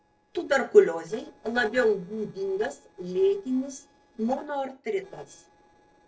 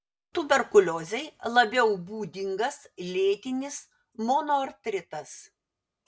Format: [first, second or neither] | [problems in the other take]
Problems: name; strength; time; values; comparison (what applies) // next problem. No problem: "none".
second | noise reduction (neural separator model SepFormer DNS4)